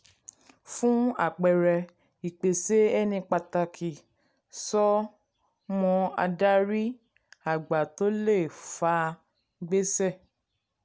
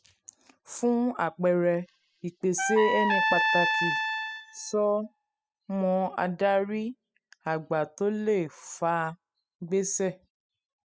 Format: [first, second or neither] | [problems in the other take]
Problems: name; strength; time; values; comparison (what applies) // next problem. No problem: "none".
first | noise reduction (classical method spectral subtraction)